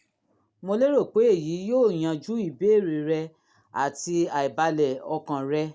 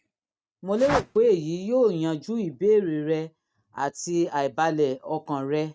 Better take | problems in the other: first | noise reduction (neural mask model RNNoise)

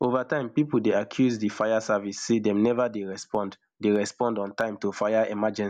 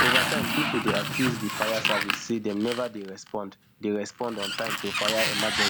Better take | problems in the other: first | background sound (Sliding door); 2 dB above the speech

